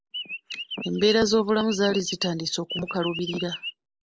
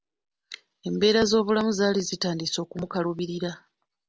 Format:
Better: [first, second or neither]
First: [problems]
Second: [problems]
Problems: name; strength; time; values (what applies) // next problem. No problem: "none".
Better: second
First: noise reduction (neural mask model Resemble Enhance denoiser)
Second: none